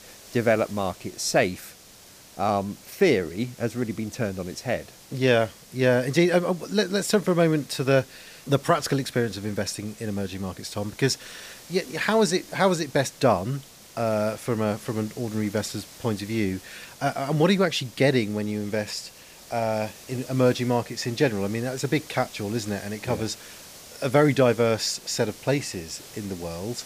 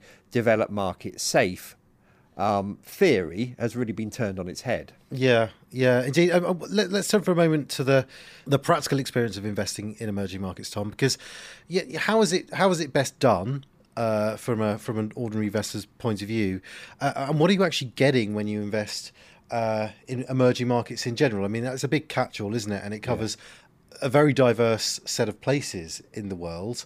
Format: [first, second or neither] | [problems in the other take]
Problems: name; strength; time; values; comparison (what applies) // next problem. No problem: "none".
second | hiss; noticeable; throughout; 20 dB below the speech